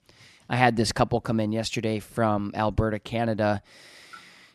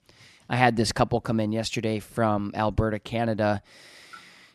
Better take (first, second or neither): neither